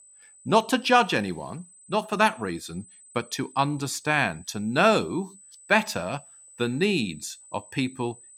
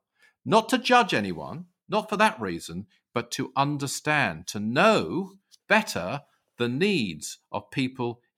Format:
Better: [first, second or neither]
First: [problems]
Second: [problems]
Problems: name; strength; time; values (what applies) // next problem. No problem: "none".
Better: second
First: high-pitched whine; faint; throughout; 8 kHz, 25 dB below the speech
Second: none